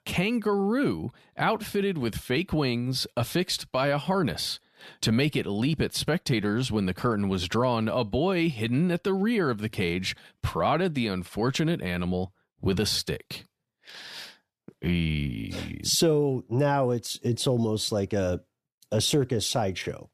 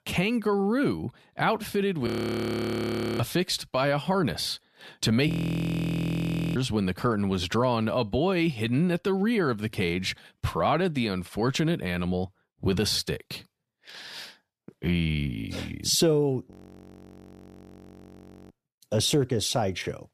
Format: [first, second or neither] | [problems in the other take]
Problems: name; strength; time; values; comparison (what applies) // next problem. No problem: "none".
first | audio freezing; at 2 s for 1 s, at 5.5 s for 1.5 s and at 17 s for 2 s